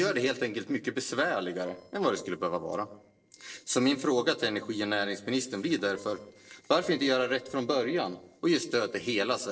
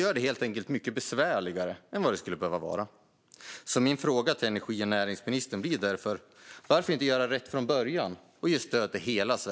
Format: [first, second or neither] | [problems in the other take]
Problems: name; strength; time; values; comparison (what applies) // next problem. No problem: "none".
second | noise reduction (neural separator model SepFormer DNS4)